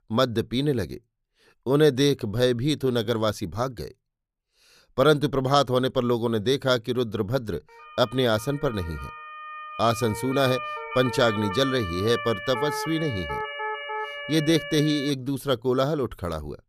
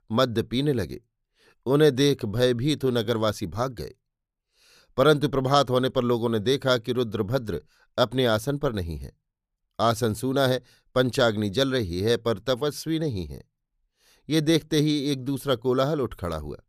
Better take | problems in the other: second | siren; noticeable; from 8 to 15 s; peak 5 dB below the speech

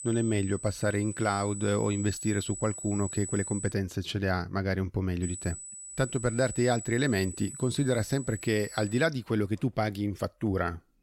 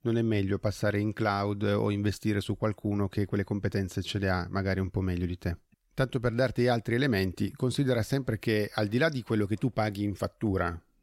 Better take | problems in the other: second | high-pitched whine; loud; until 3.5 s and from 5 to 9 s; 8 kHz, 9 dB below the speech

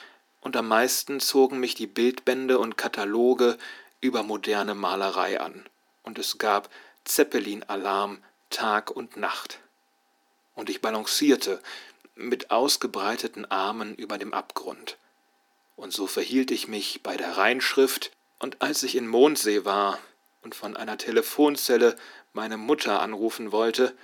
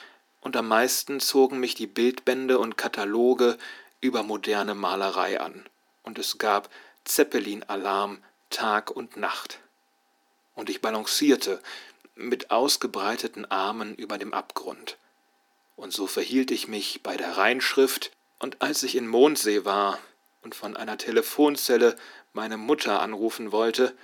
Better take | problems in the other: neither | thin; somewhat; fading below 300 Hz; the same in both

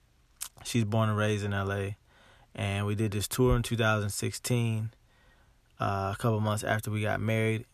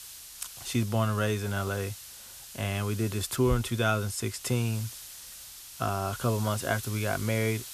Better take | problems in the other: first | hiss; noticeable; throughout; 10 dB below the speech

